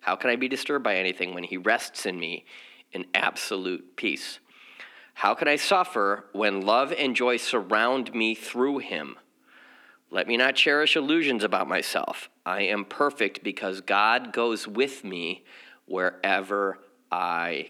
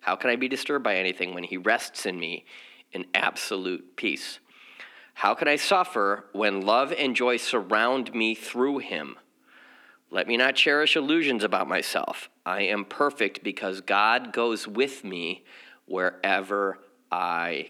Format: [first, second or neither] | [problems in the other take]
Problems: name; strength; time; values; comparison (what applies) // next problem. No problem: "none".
neither | thin; somewhat; fading below 400 Hz; the same in both